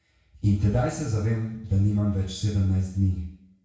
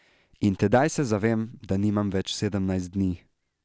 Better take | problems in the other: second | room echo; dies away in 0.6 s

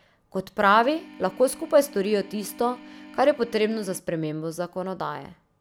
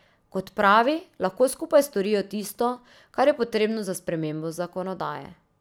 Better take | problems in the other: second | background sound (Organ); 19 dB below the speech

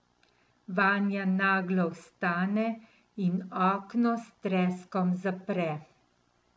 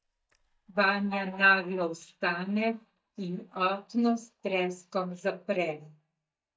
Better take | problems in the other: first | noise reduction (neural mask model DeepFilterNet 3)

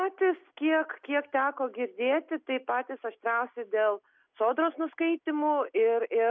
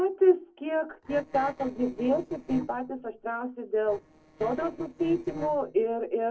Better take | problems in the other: first | noise reduction (neural separator model SepFormer DNS4)

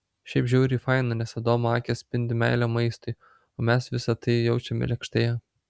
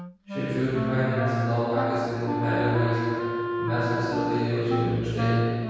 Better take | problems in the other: first | background sound (Wind instrument, woodwind instrument); 5 dB below the speech // room echo; dies away in 2.2 s

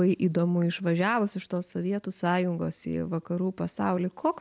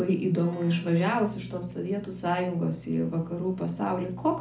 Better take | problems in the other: first | background sound (Keyboard (musical)); 17 dB below the speech // room echo; dies away in 0.4 s

